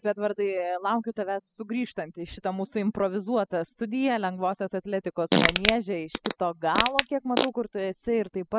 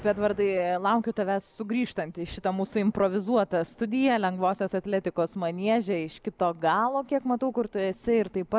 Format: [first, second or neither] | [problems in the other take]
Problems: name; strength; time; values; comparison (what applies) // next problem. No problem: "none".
second | noise reduction (classical method spectral subtraction)